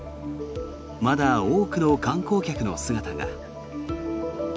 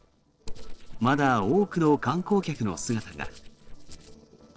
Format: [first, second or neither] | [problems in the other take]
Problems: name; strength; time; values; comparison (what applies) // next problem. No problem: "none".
first | noise reduction (neural separator model SepFormer DNS4)